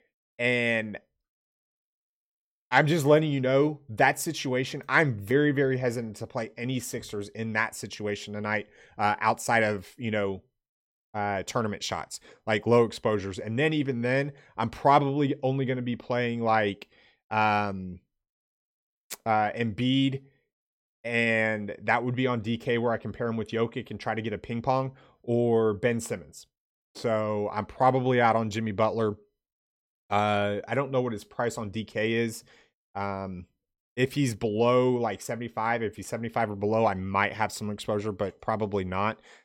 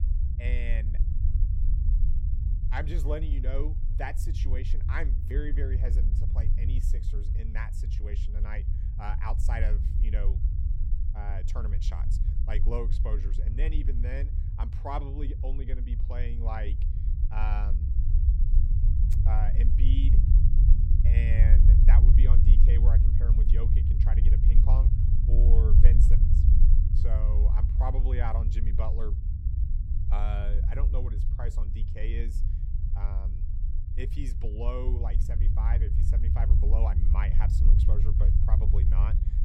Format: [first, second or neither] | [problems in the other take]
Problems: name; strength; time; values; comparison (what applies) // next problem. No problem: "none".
first | low rumble; loud; throughout; 4 dB below the speech